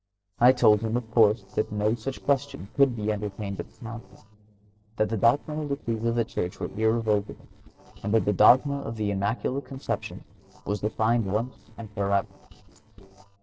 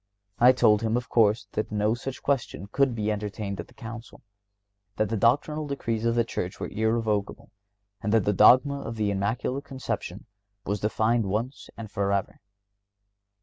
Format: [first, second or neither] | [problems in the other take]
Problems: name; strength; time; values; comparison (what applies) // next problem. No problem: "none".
second | noise reduction (neural separator model SepFormer DNS4)